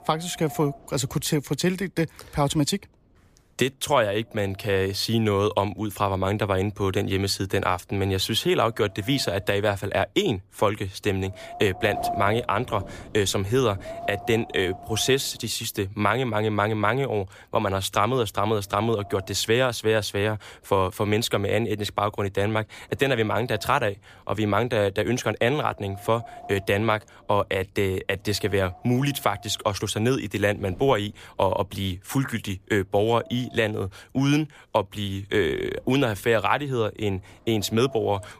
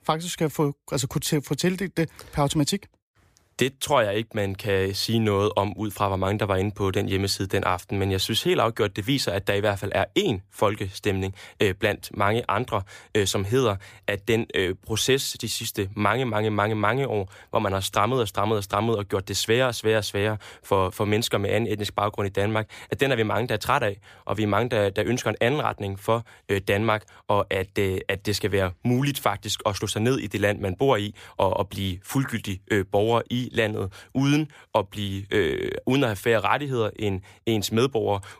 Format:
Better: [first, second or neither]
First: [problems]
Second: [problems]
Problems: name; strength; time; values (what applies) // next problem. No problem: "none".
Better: second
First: wind noise on the microphone; occasional gusts; 15 dB below the speech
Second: none